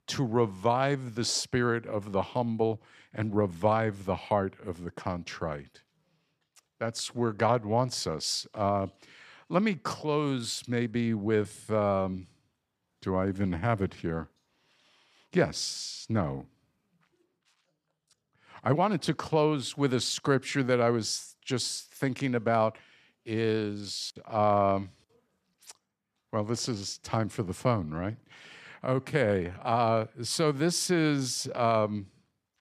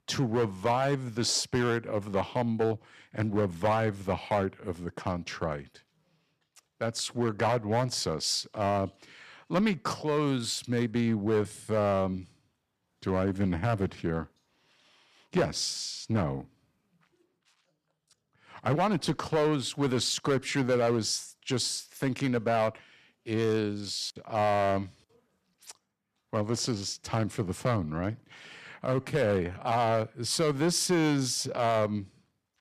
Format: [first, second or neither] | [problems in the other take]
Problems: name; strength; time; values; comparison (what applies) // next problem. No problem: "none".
first | distortion; slight; 4% of the sound clipped